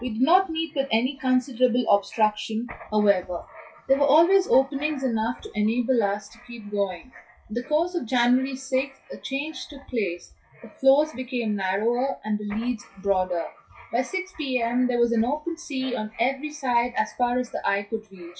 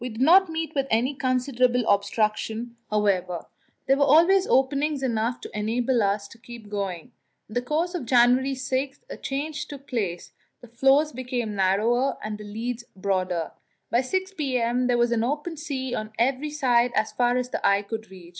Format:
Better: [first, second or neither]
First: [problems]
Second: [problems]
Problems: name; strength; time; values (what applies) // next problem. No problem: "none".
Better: second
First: noise reduction (classical method WPE with log-MMSE)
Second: none